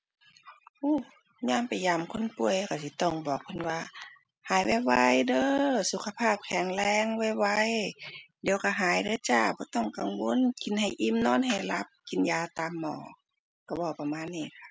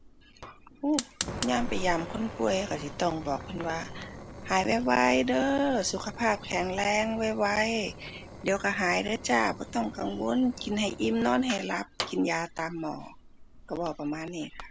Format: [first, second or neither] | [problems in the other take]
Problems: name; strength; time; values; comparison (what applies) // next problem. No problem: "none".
first | background sound (Fire); 12 dB below the speech